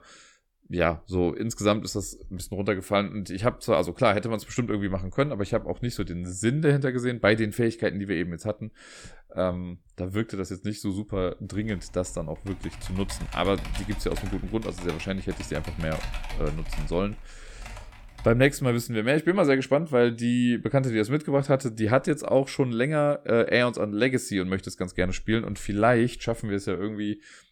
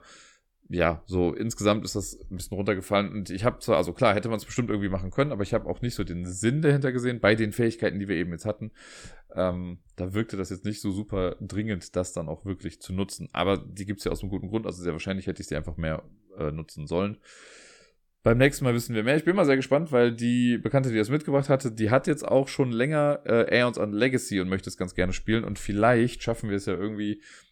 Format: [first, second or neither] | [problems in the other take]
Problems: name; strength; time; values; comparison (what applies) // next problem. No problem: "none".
second | keyboard typing; noticeable; from 12 to 18 s; peak 9 dB below the speech